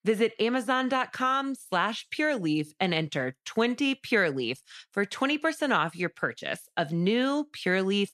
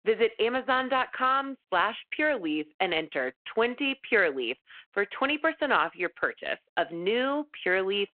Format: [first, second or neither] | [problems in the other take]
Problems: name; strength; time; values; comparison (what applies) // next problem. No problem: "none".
first | phone-call audio